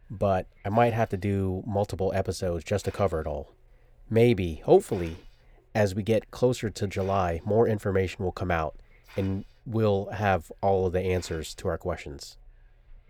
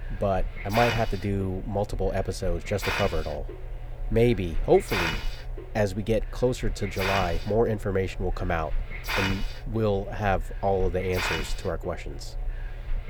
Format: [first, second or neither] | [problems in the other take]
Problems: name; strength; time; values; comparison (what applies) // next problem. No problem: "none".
first | hiss; loud; throughout; 6 dB below the speech; faint in the first